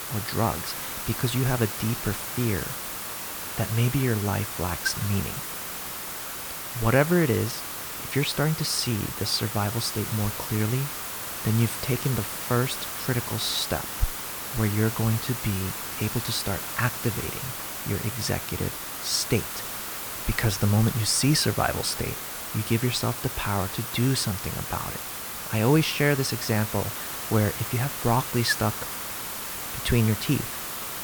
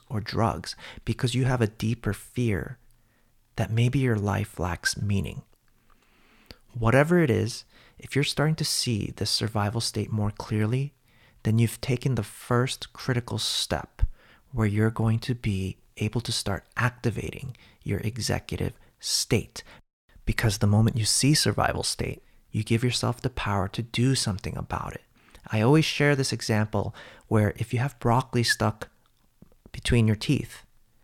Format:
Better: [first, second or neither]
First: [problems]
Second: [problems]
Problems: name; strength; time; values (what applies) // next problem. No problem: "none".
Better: second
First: hiss; loud; throughout; 5 dB below the speech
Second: none